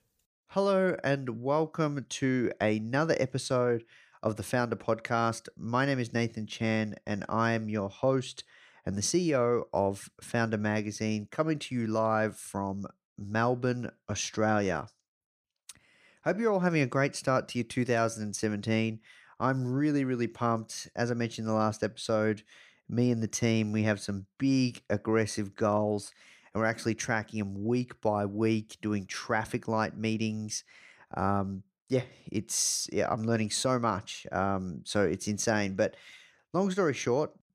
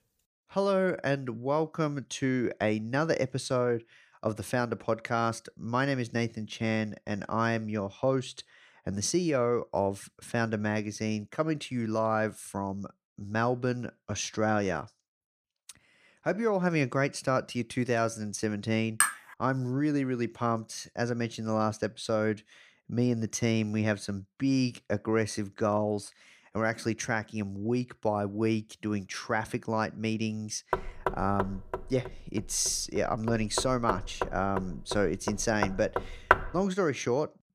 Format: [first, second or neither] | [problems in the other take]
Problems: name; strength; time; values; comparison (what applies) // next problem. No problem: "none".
first | clattering dishes; loud; at 19 s; peak 4 dB above the speech // door banging; loud; from 31 to 36 s; peak 5 dB above the speech